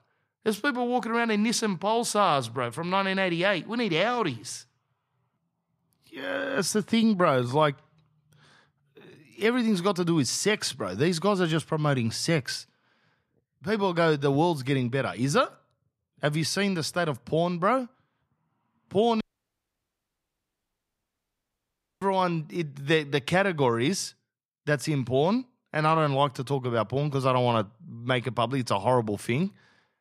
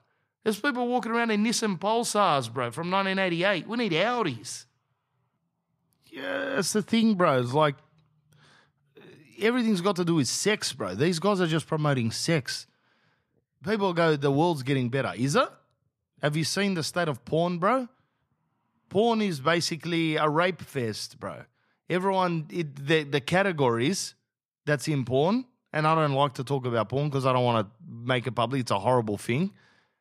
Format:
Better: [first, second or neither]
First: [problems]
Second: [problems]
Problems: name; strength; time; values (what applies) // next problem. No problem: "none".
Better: second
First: audio cutting out; at 19 s for 3 s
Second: none